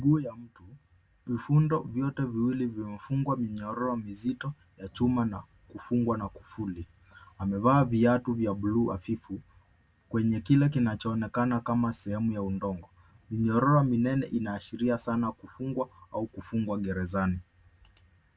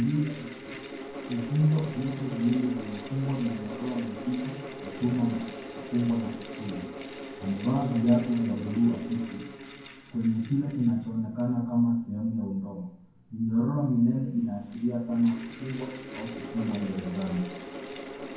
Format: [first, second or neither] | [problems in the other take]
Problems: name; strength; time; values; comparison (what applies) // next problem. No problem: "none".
first | background sound (Mechanical fan); 12 dB below the speech // room echo; dies away in 0.9 s